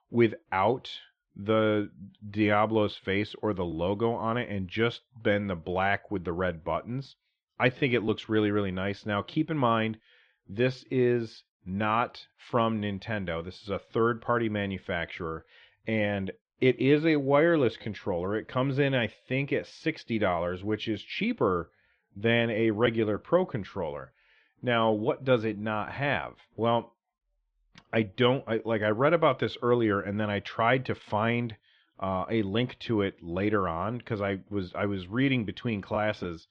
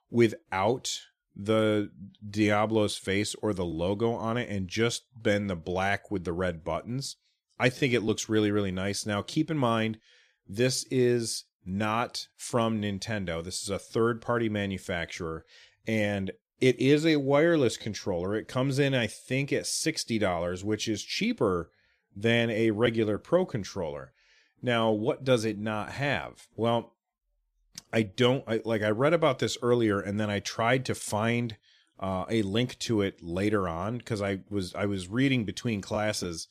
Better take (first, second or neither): second